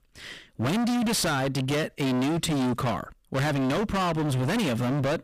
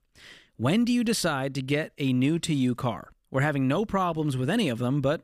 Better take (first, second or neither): second